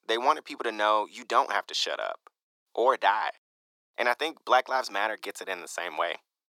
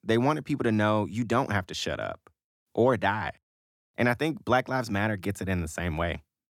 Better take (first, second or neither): second